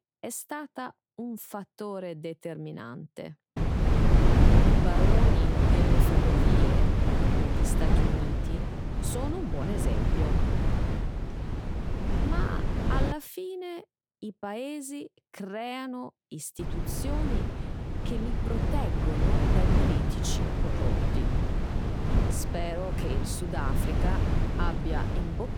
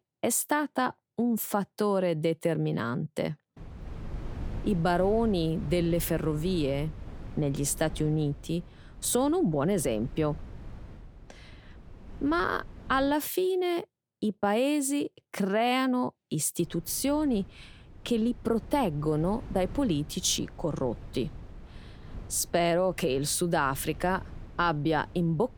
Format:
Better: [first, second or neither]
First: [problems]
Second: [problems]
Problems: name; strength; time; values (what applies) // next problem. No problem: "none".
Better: second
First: wind noise on the microphone; heavy; from 3.5 to 13 s and from 17 s on; 3 dB above the speech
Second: wind noise on the microphone; occasional gusts; from 3.5 to 13 s and from 17 s on; 25 dB below the speech